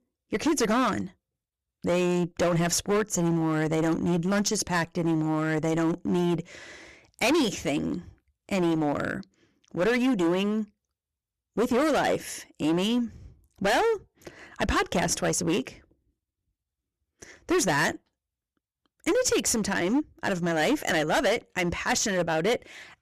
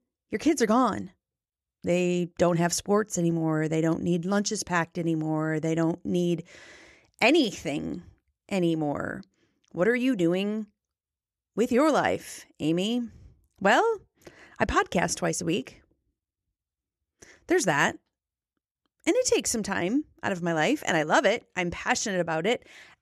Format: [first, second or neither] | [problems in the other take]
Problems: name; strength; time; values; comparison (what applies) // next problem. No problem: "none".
second | distortion; heavy; 12% of the sound clipped